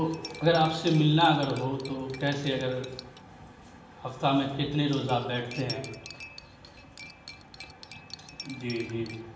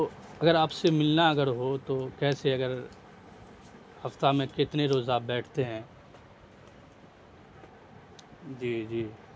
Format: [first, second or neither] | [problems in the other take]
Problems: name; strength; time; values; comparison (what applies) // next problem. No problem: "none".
second | background sound (Cutlery, silverware); 18 dB below the speech // room echo; dies away in 0.9 s